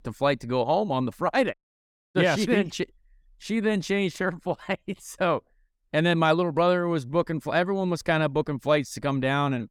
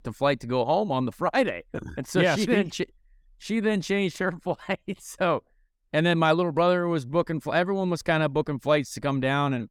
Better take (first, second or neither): second